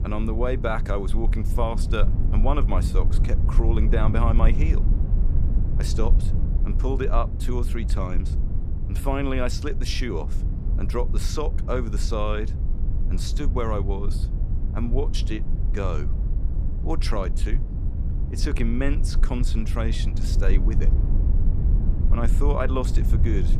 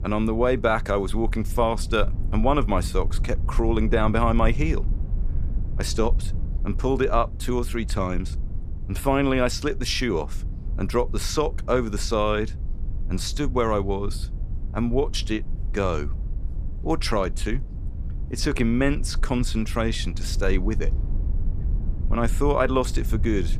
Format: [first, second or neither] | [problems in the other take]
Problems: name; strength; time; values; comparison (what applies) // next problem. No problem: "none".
second | low rumble; loud; throughout; 10 dB below the speech; faint in the second